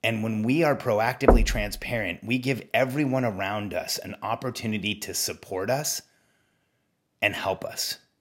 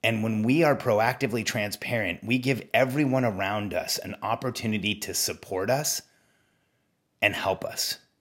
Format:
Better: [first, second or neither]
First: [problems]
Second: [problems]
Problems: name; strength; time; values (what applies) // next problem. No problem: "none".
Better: second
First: door banging; loud; at 1.5 s; peak 6 dB above the speech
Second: none